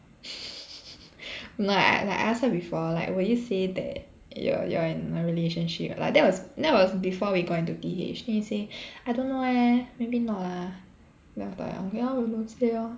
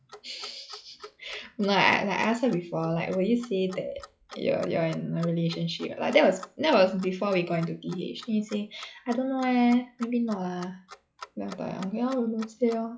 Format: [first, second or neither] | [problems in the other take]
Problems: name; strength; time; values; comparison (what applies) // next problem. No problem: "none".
first | noise reduction (classical method log-MMSE)